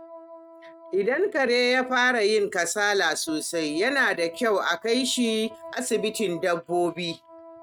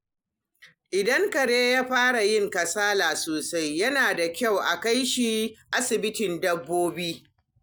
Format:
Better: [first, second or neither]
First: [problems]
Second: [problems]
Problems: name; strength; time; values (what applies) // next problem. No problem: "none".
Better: second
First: noise reduction (neural mask model RNNoise)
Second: none